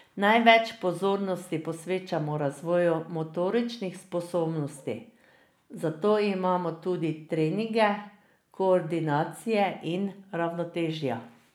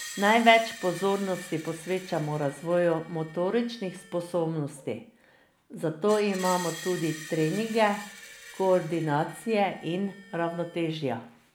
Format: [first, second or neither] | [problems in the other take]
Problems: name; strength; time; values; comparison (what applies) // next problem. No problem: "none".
first | background sound (Screech); 17 dB below the speech